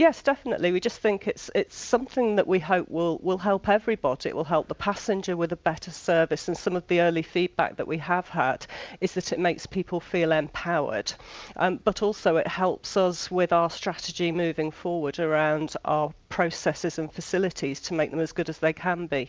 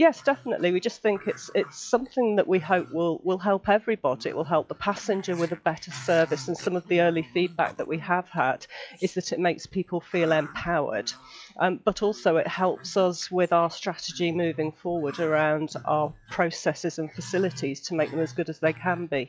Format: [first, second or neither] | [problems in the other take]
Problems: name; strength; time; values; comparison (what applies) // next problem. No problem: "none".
first | noise reduction (classical method log-MMSE)